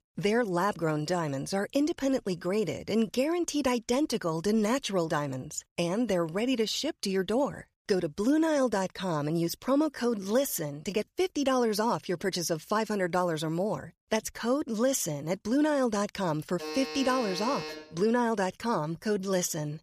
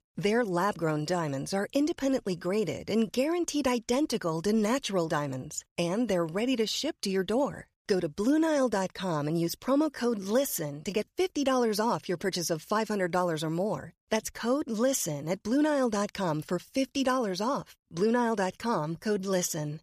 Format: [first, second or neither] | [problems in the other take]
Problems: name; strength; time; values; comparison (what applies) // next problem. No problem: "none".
second | alarm; noticeable; from 17 to 18 s; peak 7 dB below the speech